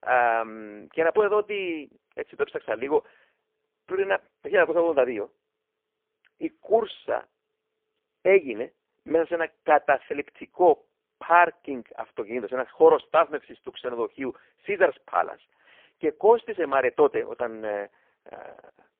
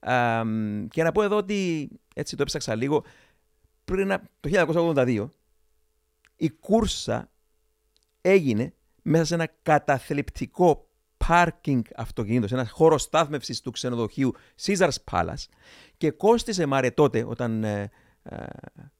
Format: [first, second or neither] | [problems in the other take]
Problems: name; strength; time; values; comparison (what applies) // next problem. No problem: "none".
second | phone-call audio; poor line; nothing above 3.5 kHz